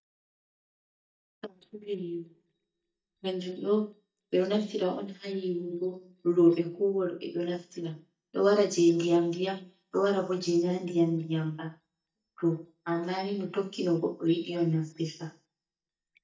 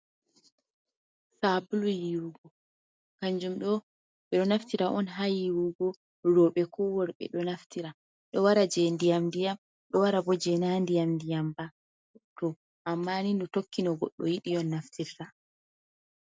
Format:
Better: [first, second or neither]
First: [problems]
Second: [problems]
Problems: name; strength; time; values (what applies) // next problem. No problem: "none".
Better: second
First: noise reduction (neural mask model DeepFilterNet 3)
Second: none